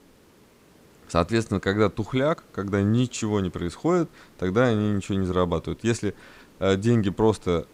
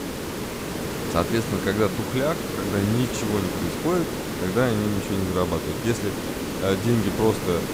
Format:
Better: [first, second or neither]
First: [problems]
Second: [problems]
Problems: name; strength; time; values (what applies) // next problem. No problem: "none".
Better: first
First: hiss; faint; throughout; 30 dB below the speech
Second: hiss; loud; throughout; 3 dB below the speech